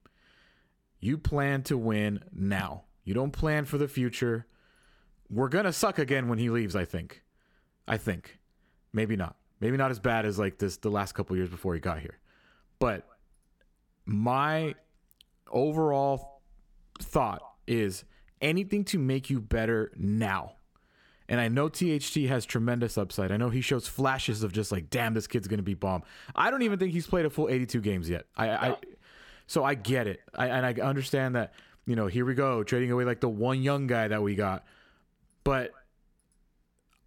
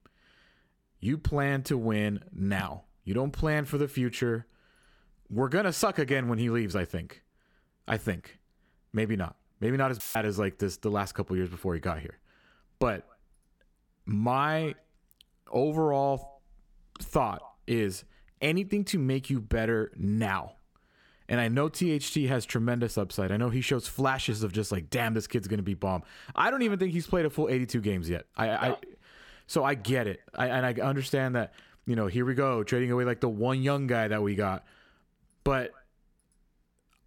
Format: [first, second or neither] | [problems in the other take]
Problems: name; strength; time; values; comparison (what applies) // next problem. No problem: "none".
first | audio cutting out; filled with static; at 10 s